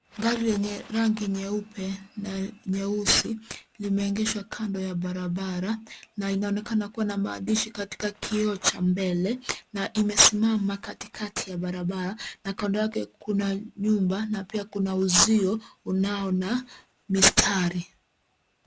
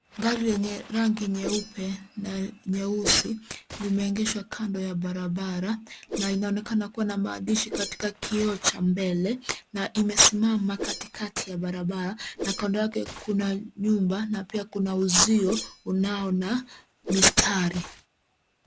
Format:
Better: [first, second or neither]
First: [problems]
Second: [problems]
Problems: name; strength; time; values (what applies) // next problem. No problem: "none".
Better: first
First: none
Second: background sound (Whoosh, swoosh, swish); 14 dB below the speech